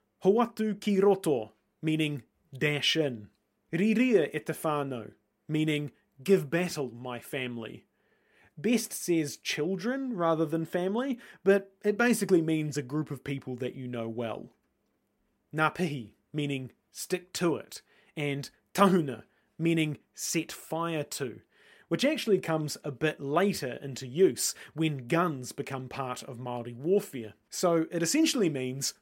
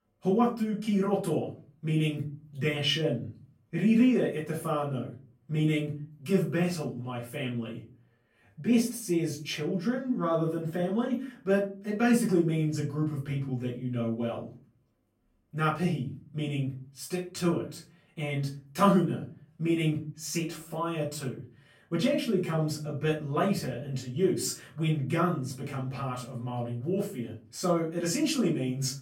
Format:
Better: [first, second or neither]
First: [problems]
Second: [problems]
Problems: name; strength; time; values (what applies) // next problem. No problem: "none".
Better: first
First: none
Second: off-mic speech; far // room echo; slight; dies away in 0.5 s